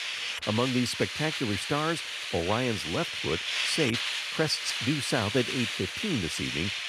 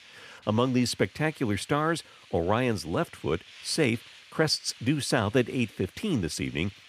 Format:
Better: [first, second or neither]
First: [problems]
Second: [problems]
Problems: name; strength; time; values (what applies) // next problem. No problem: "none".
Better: second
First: hiss; loud; throughout; 1 dB below the speech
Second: hiss; faint; throughout; 20 dB below the speech